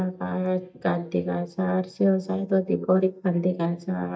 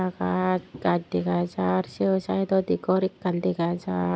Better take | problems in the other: second | noise reduction (neural mask model DeepFilterNet 3)

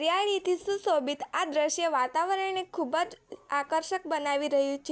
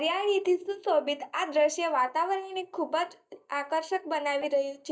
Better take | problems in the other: first | noise reduction (neural mask model DeepFilterNet 3)

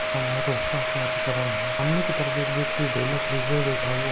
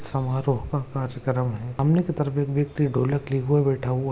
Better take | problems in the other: second | background sound (Domestic sounds, home sounds); 2 dB above the speech

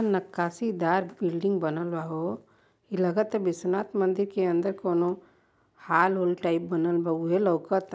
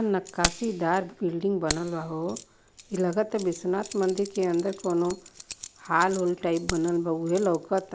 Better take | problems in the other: first | background sound (Keys jangling); 12 dB below the speech

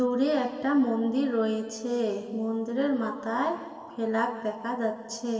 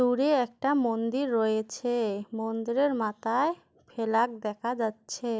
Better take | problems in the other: second | room echo; dies away in 2 s

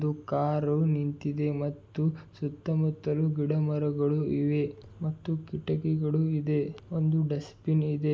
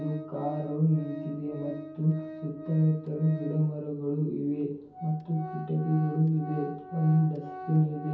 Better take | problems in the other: first | background sound (Organ); 14 dB below the speech // room echo; dies away in 0.6 s

